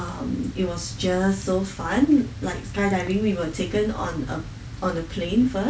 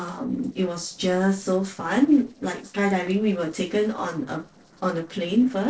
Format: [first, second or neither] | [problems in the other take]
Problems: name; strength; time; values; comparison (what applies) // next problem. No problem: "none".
first | noise reduction (neural separator model SepFormer DNS4)